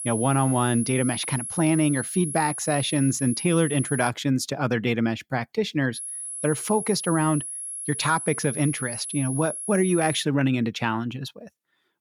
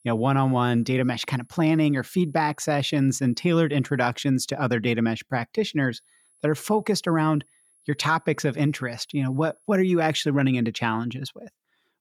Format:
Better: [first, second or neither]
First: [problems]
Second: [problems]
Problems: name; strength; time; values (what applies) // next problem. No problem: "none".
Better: second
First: high-pitched whine; loud; until 4 s and from 6 to 10 s; 11 kHz, 6 dB below the speech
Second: high-pitched whine; faint; until 4 s and from 6 to 10 s; 11 kHz, 35 dB below the speech